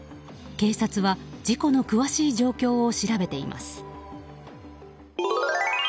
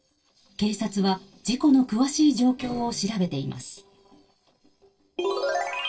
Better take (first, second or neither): first